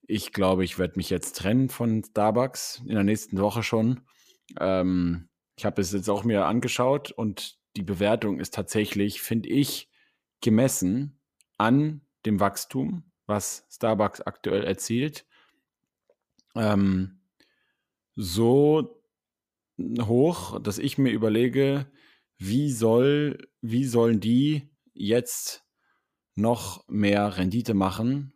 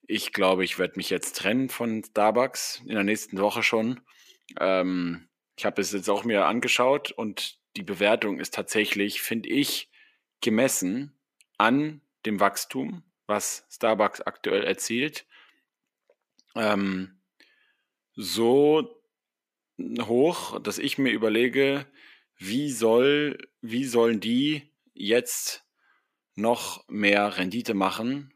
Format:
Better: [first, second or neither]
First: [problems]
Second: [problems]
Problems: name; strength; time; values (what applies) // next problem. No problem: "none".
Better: first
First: none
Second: thin; very slightly; fading below 250 Hz